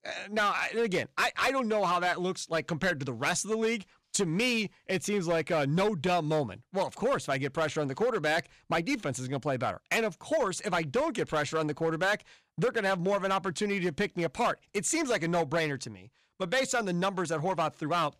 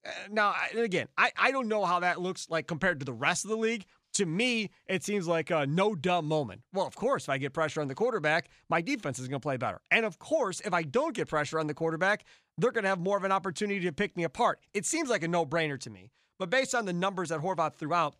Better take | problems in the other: second | distortion; slight; 7% of the sound clipped

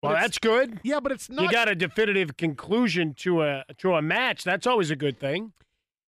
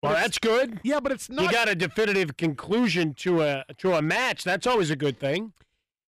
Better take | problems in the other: first | distortion; slight; 9% of the sound clipped

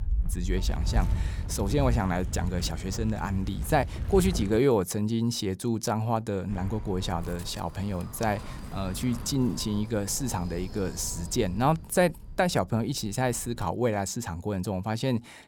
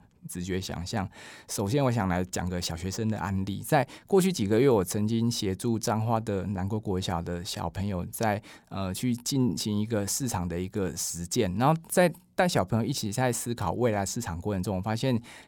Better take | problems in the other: second | wind noise on the microphone; occasional gusts; until 4.5 s and from 6.5 to 14 s; 15 dB below the speech

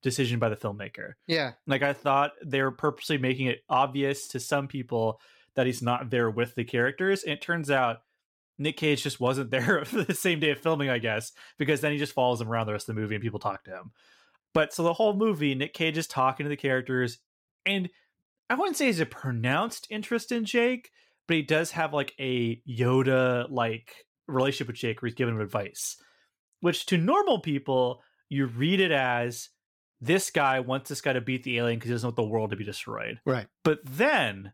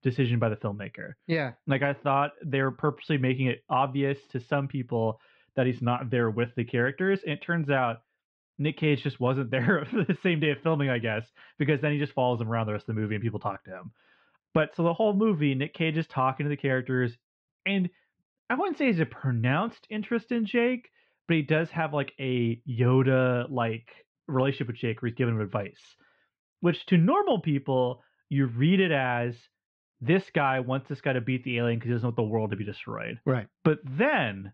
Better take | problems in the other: first | muffled; very; fading above 3 kHz

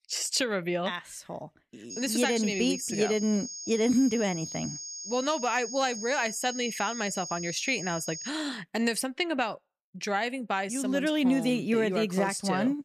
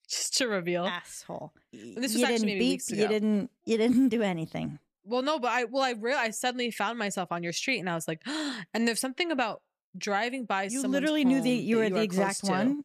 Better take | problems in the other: second | high-pitched whine; loud; from 2 to 8.5 s; 6.5 kHz, 8 dB below the speech

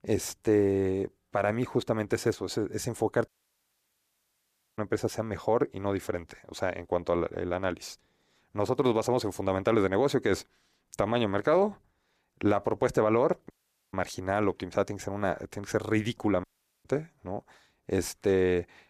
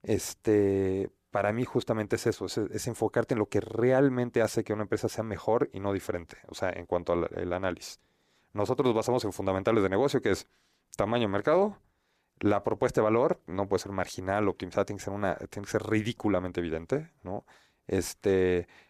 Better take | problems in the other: second | audio cutting out; at 3.5 s for 1.5 s, at 14 s and at 16 s

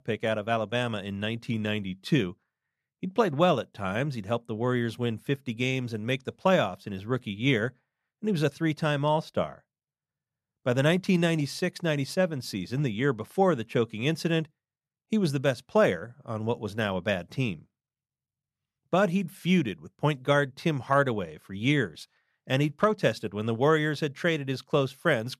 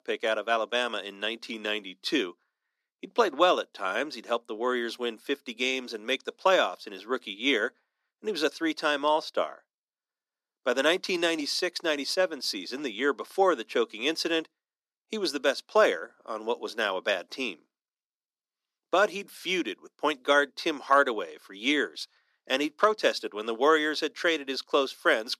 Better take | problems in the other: first | thin; somewhat; fading below 300 Hz

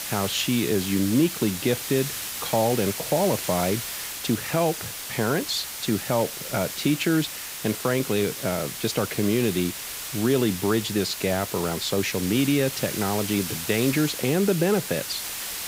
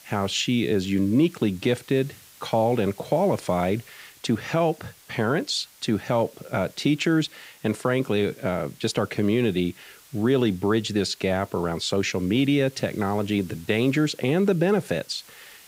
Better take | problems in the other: second | hiss; loud; throughout; 6 dB below the speech; faint in the second

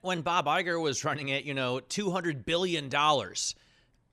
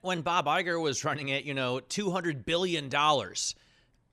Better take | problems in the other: neither | none

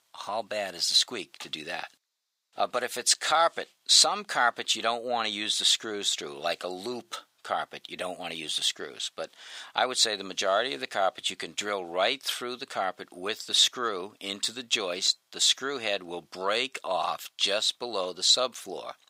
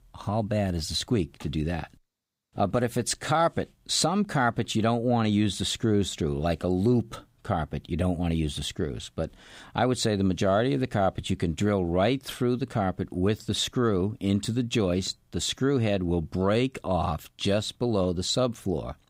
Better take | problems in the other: second | thin; very; fading below 750 Hz

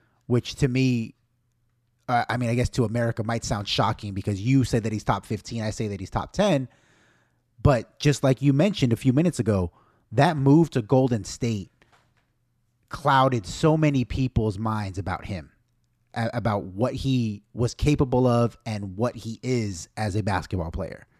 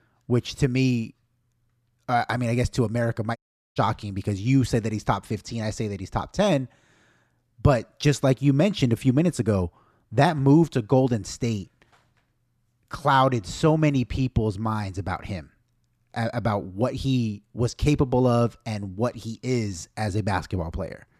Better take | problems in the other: first | audio cutting out; at 3.5 s

